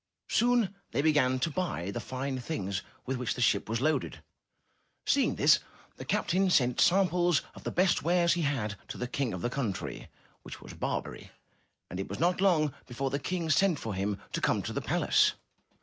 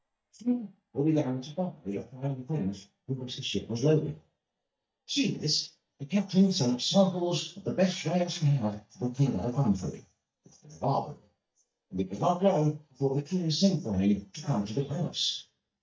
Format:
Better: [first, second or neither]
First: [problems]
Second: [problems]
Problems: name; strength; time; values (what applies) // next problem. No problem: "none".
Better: first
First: none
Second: noise reduction (neural mask model DeepFilterNet 3)